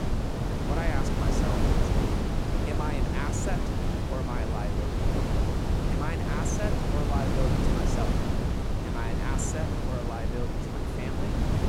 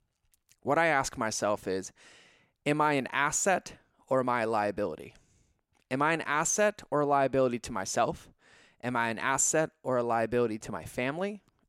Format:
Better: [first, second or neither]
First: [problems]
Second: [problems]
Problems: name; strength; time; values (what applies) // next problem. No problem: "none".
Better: second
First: wind noise on the microphone; heavy; 3 dB above the speech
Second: none